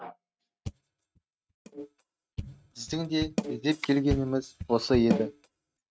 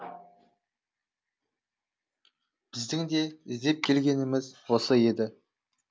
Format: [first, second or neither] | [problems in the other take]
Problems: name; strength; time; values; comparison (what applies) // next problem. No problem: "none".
second | noise reduction (neural mask model RNNoise)